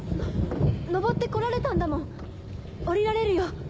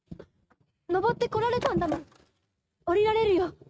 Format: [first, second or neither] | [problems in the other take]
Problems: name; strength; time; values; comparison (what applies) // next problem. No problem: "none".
first | noise reduction (neural mask model RNNoise)